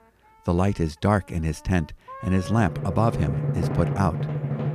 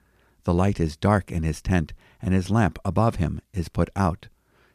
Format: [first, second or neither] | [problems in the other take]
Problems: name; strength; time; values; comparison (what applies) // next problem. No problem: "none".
second | background music; loud; throughout; 4 dB below the speech